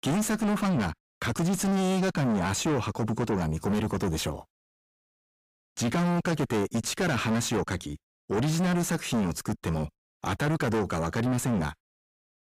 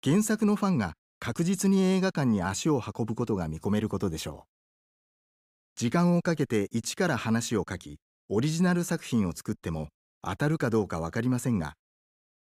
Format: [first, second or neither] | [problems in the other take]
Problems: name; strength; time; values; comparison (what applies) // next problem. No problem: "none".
second | distortion; heavy; 6 dB below the speech